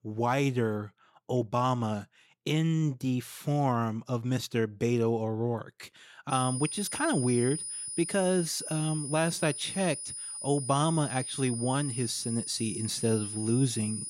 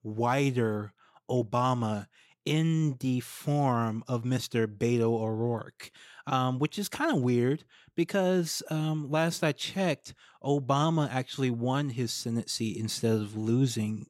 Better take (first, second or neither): second